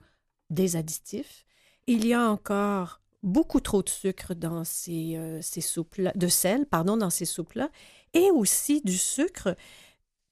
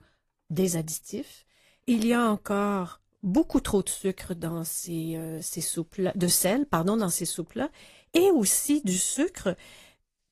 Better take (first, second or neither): first